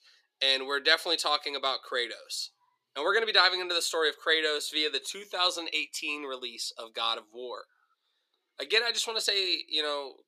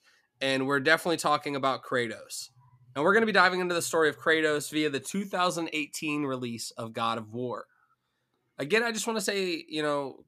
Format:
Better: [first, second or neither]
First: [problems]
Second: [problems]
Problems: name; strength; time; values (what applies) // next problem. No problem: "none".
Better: second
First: thin; somewhat; fading below 400 Hz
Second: none